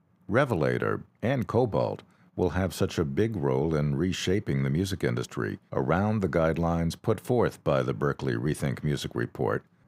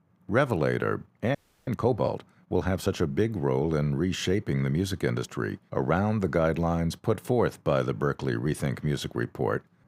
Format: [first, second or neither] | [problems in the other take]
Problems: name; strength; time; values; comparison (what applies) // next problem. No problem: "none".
first | audio freezing; at 1.5 s